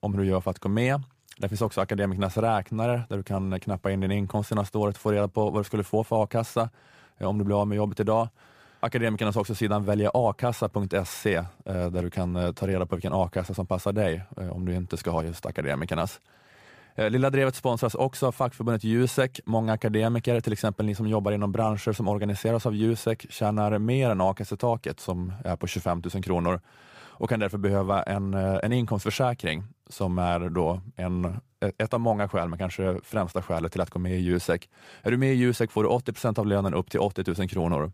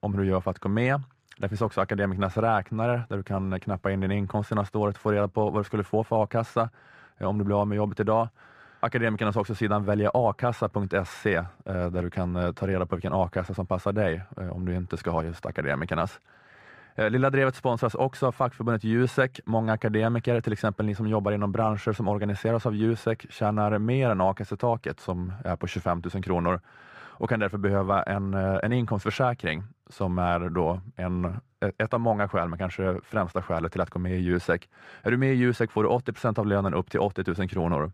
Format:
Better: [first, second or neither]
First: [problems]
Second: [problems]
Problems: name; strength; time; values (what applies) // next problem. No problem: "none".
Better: first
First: none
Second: muffled; slightly; fading above 3 kHz